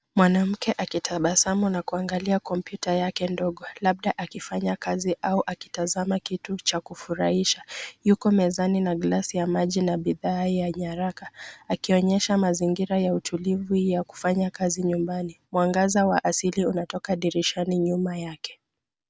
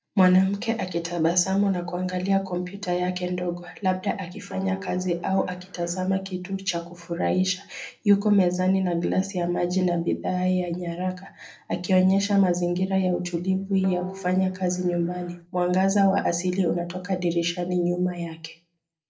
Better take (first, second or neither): first